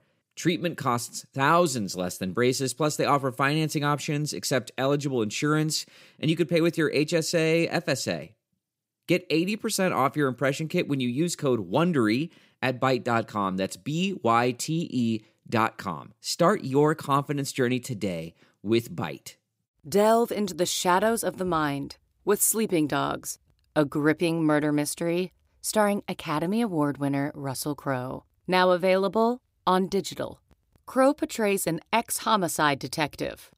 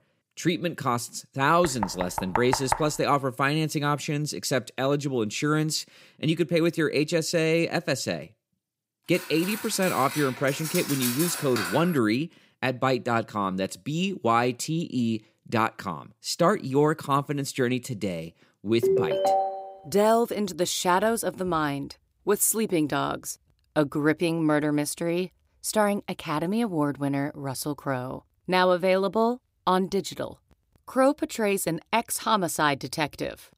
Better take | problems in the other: first | door banging; noticeable; from 1.5 to 3 s; peak 3 dB below the speech // clattering dishes; noticeable; from 9 to 12 s; peak 2 dB below the speech // phone ringing; loud; at 19 s; peak 2 dB above the speech

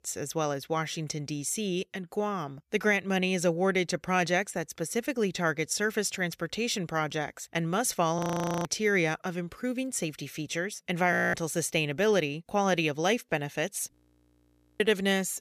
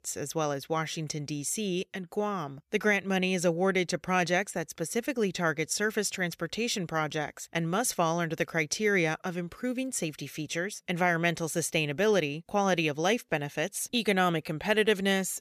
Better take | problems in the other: second | audio freezing; at 8 s, at 11 s and at 14 s for 1 s

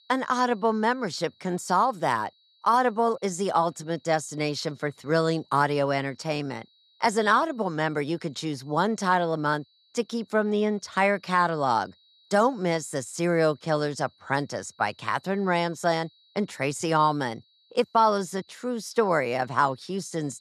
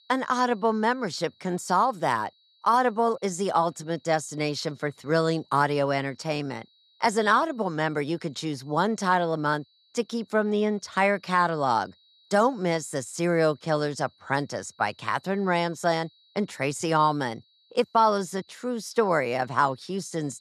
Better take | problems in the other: neither | high-pitched whine; faint; throughout; 4 kHz, 35 dB below the speech; the same in both

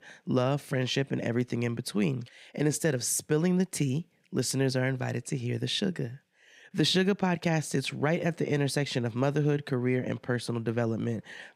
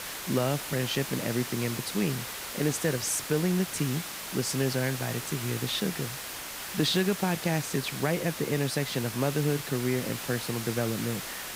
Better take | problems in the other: first | hiss; loud; throughout; 6 dB below the speech

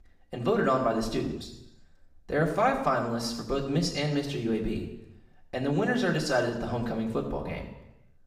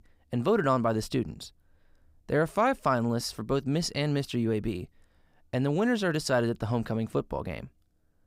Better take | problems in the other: second | room echo; slight; dies away in 0.9 s // off-mic speech; somewhat distant

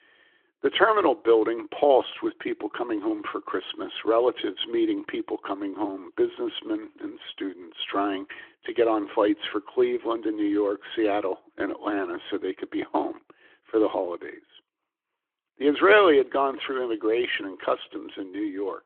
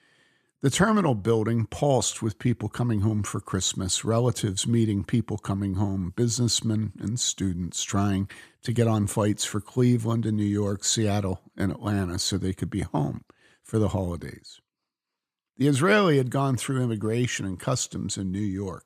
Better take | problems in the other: second | phone-call audio; nothing above 3.5 kHz

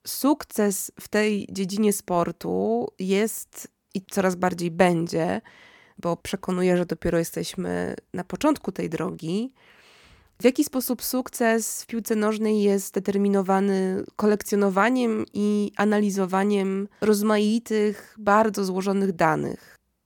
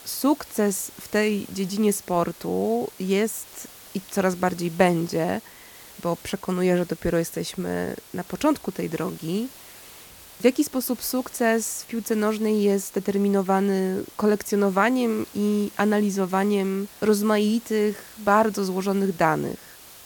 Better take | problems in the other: first | hiss; noticeable; throughout; 20 dB below the speech

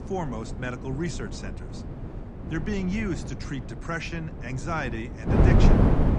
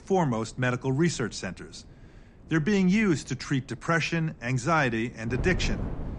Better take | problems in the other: second | wind noise on the microphone; heavy; as loud as the speech; occasional gusts in the second

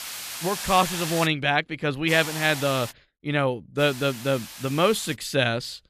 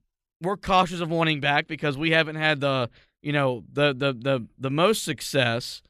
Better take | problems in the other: second | hiss; loud; until 1.5 s, at 2 s and from 4 to 5 s; 9 dB below the speech

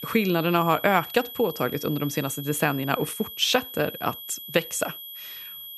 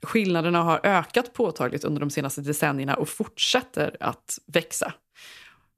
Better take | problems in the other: second | high-pitched whine; noticeable; throughout; 3.5 kHz, 10 dB below the speech

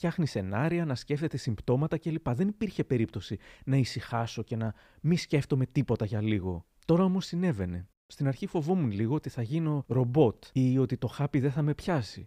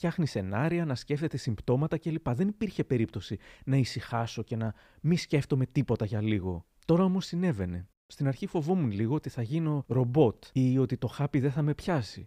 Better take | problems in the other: neither | none

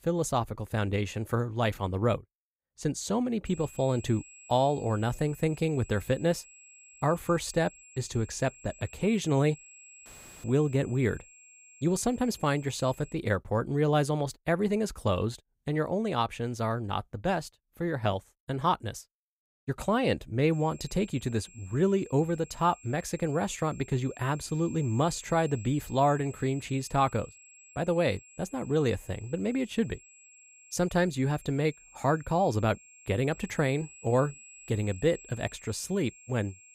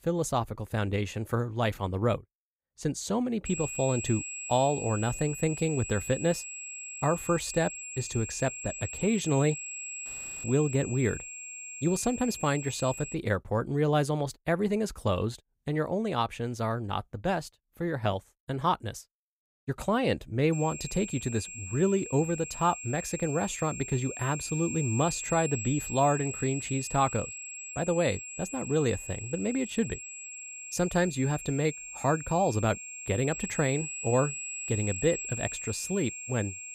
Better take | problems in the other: first | high-pitched whine; loud; from 3.5 to 13 s and from 21 s on; 7.5 kHz, 7 dB below the speech; faint in the first

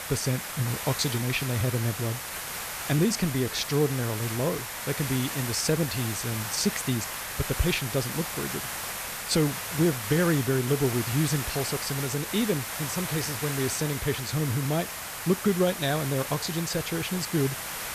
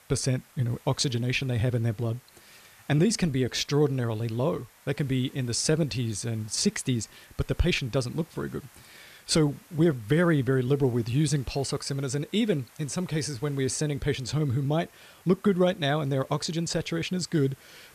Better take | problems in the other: second | hiss; loud; throughout; 4 dB below the speech; faint in the second

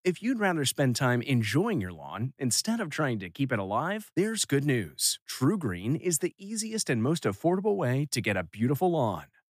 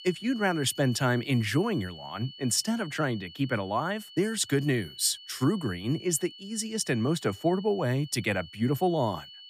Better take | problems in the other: first | high-pitched whine; noticeable; throughout; 3 kHz, 15 dB below the speech

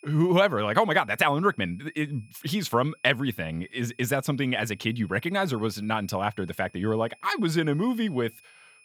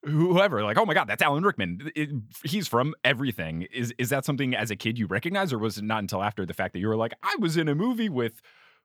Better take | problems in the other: second | high-pitched whine; faint; throughout; 2.5 kHz, 30 dB below the speech

